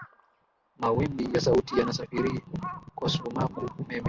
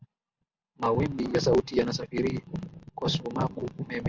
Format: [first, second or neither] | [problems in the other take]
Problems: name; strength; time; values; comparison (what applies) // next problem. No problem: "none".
second | background sound (Crow); 15 dB below the speech